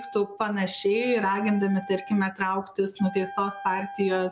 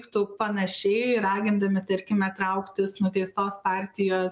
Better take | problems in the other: second | background sound (Wind instrument, woodwind instrument); 15 dB below the speech

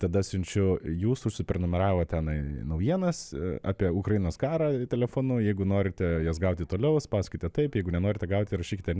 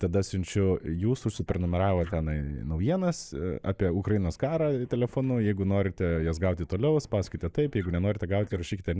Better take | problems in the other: first | noise reduction (neural mask model Resemble Enhance denoiser)

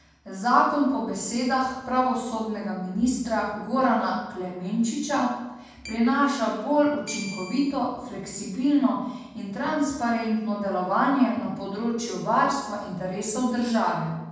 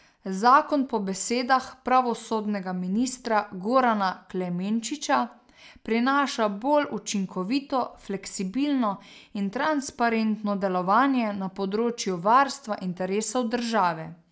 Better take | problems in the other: second | background sound (Keyboard (musical)); 17 dB below the speech // room echo; dies away in 1.1 s

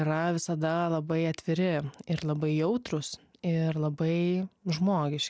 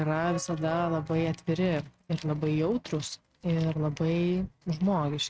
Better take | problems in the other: first | noise reduction (neural mask model RNNoise)

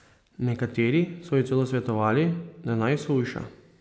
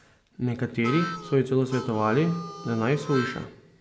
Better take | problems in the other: first | background sound (Harmonica); 11 dB below the speech // room echo; dies away in 0.3 s

